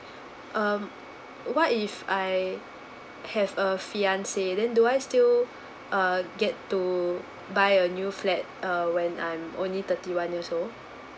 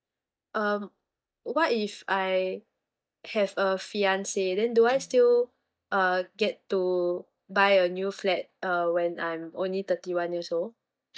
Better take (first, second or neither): first